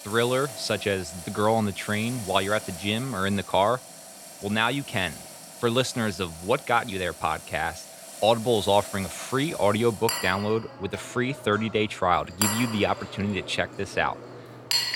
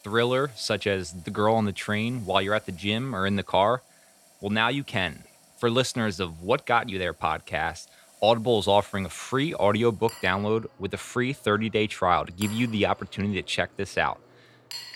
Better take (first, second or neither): second